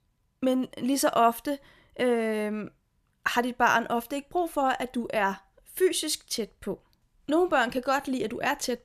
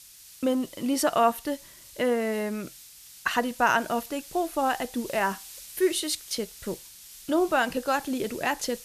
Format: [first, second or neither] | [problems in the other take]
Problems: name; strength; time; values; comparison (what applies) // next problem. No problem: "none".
first | hiss; noticeable; throughout; 15 dB below the speech